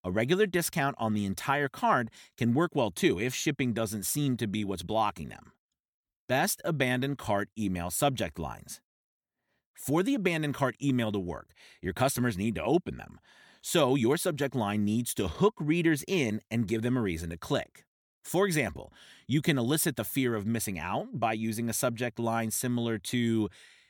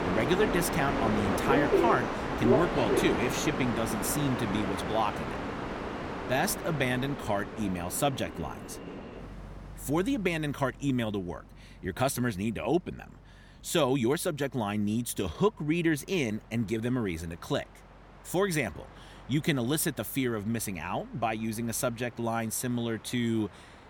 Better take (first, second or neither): first